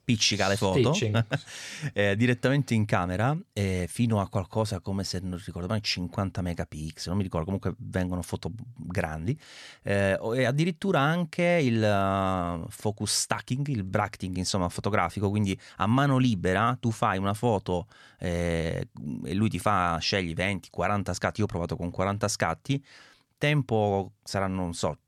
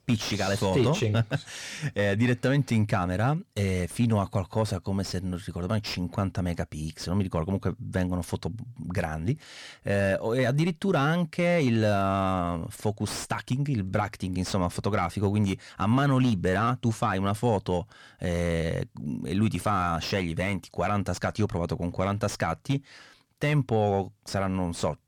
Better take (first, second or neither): first